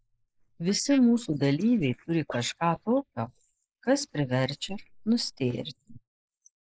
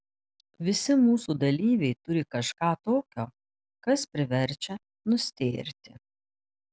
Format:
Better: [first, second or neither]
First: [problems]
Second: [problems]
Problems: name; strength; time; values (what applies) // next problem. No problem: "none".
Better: second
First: noise reduction (neural mask model Resemble Enhance denoiser)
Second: none